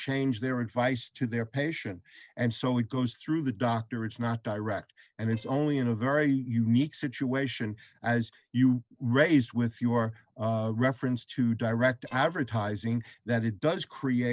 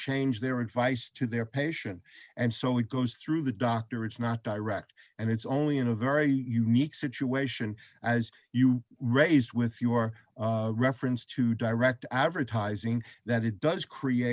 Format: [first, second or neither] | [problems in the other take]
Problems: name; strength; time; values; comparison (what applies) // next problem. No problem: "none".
second | noise reduction (neural separator model SepFormer DNS4)